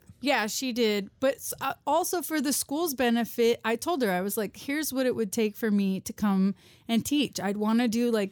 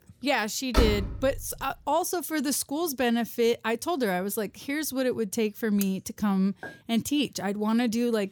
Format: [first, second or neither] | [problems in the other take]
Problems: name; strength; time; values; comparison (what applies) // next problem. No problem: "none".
first | door banging; loud; at 0.5 s; peak 1 dB above the speech // clattering dishes; very faint; at 6 s; peak 10 dB below the speech // clattering dishes; faint; at 6.5 s; peak 15 dB below the speech